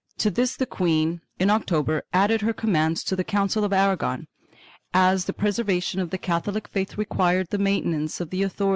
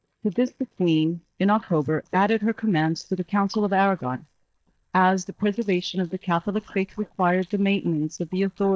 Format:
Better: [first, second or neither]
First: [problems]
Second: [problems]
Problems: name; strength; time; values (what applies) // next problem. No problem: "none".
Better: first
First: none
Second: noise reduction (neural mask model DeepFilterNet 3)